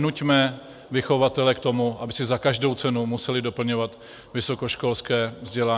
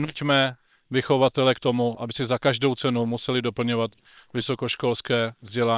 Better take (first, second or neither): first